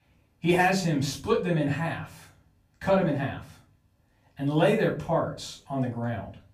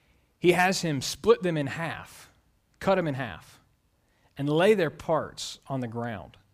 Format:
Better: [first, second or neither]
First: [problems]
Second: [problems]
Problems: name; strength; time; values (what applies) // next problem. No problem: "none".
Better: second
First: off-mic speech; far // room echo; slight; dies away in 0.3 s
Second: none